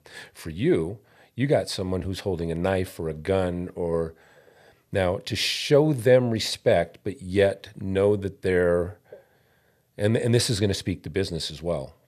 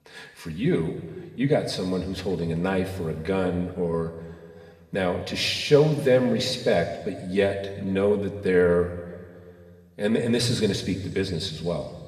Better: first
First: none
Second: room echo; slight; dies away in 1.9 s // off-mic speech; somewhat distant

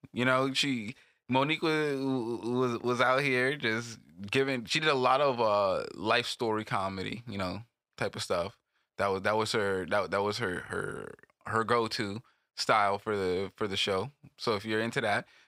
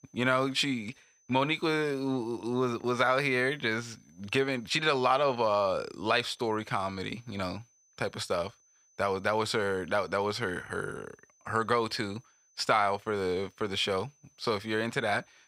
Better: first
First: none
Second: high-pitched whine; faint; throughout; 6 kHz, 35 dB below the speech

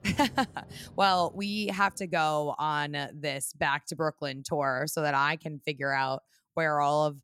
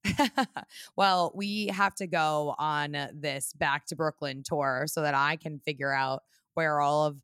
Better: second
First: rain or running water; faint; until 2 s; 20 dB below the speech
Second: none

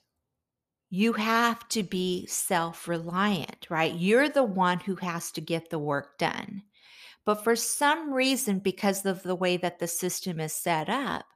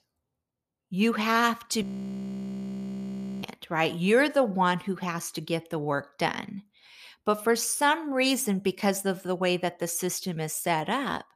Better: first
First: none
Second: audio freezing; at 2 s for 1.5 s

